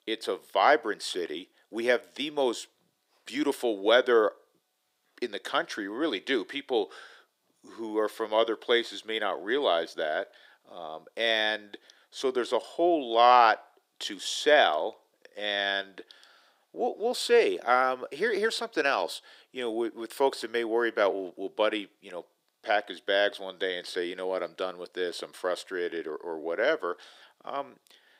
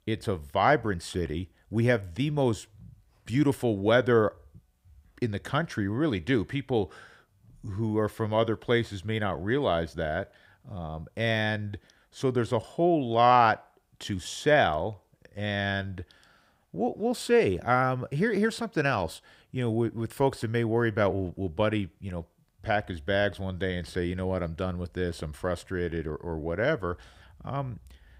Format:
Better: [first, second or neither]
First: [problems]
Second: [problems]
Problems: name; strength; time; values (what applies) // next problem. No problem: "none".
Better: second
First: thin; somewhat; fading below 350 Hz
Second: none